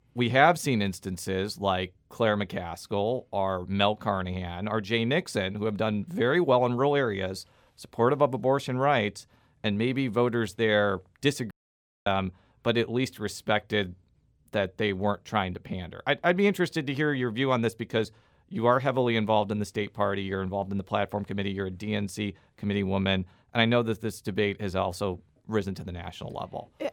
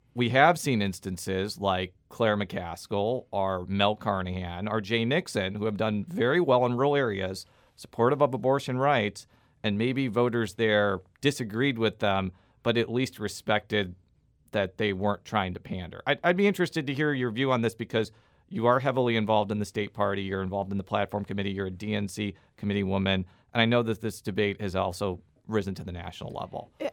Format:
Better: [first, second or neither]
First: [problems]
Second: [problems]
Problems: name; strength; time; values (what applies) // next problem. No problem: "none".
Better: second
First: audio cutting out; at 12 s for 0.5 s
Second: none